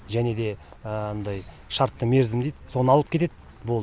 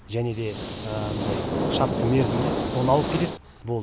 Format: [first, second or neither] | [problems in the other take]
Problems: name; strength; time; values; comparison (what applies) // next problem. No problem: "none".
first | background sound (Hiss); 1 dB below the speech